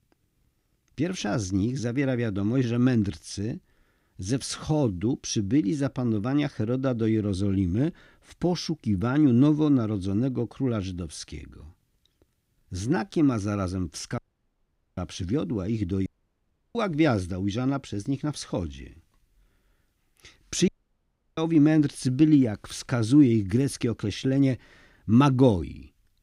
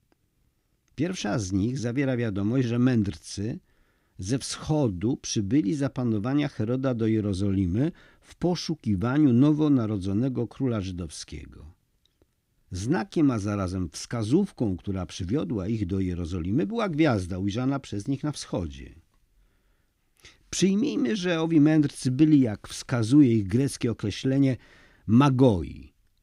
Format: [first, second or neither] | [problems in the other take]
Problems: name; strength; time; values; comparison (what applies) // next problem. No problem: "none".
second | audio cutting out; at 14 s for 1 s, at 16 s for 0.5 s and at 21 s for 0.5 s